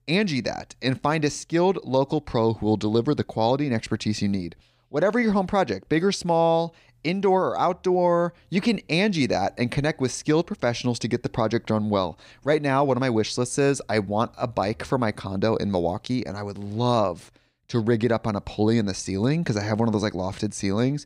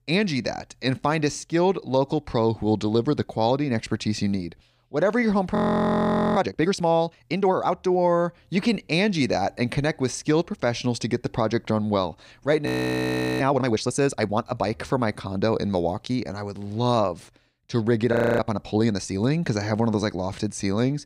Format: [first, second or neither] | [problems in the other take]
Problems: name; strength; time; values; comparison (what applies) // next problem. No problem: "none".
first | audio freezing; at 5.5 s for 1 s, at 13 s for 0.5 s and at 18 s